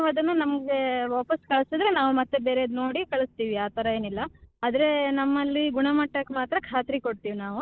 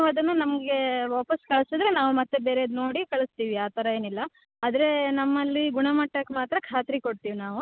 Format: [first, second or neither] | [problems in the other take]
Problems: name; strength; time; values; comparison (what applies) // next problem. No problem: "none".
second | noise reduction (neural mask model DeepFilterNet 3)